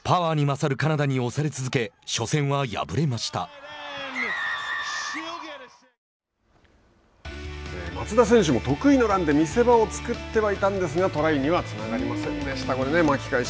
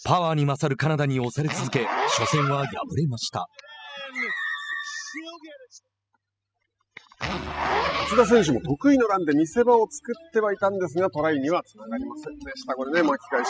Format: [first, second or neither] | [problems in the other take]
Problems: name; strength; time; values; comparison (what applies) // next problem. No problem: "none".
first | noise reduction (classical method spectral subtraction)